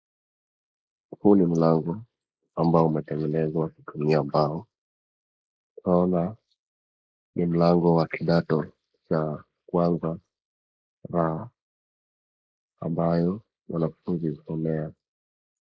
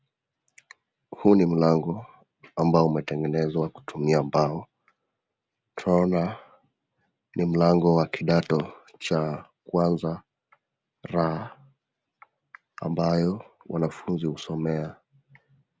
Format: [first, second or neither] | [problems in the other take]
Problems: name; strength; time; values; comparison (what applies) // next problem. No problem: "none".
second | noise reduction (neural mask model Resemble Enhance denoiser)